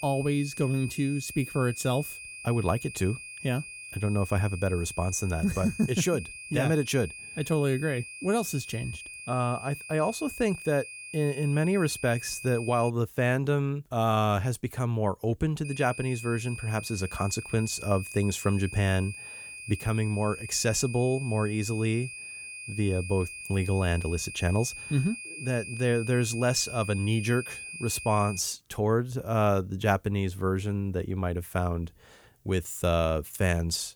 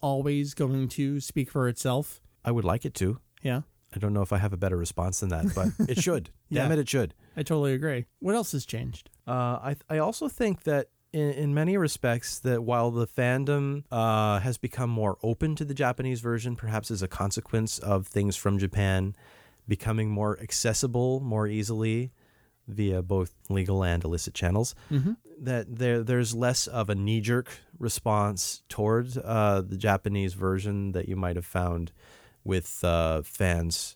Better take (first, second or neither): second